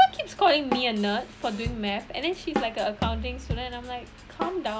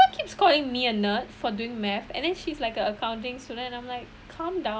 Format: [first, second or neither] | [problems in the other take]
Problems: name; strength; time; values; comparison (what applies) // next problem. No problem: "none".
second | background sound (Drum kit); 8 dB below the speech